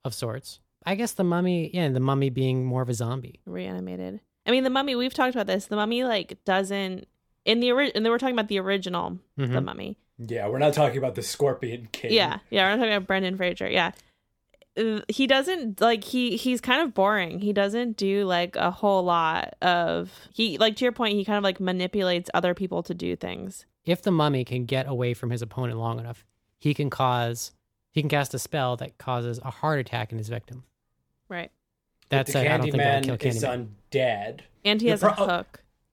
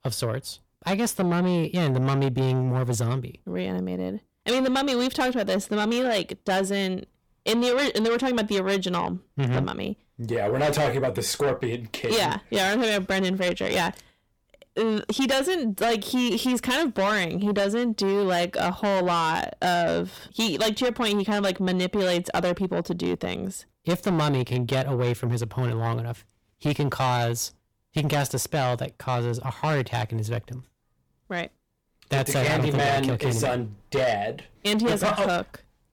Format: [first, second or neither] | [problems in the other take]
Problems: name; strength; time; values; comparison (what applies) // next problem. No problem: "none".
first | distortion; heavy; 7 dB below the speech